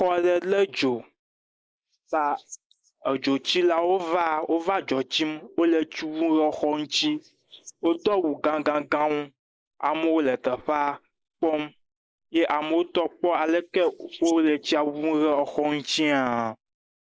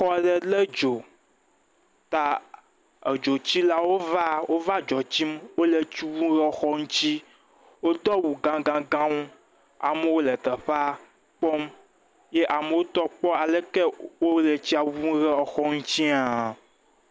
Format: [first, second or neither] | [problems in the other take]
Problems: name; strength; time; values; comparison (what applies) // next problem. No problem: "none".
second | noise reduction (neural mask model Resemble Enhance denoiser)